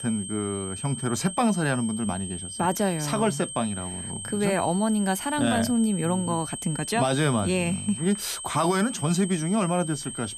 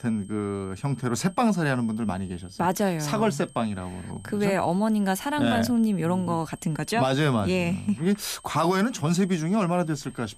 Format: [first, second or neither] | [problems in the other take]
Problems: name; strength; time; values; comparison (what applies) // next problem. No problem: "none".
second | high-pitched whine; loud; throughout; 8.5 kHz, 8 dB below the speech; faint in the second